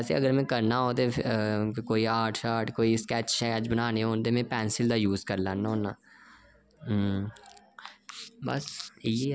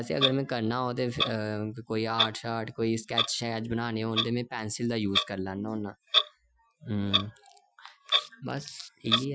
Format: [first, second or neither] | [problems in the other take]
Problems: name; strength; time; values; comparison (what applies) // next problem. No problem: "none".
first | noise reduction (classical method Wiener filter)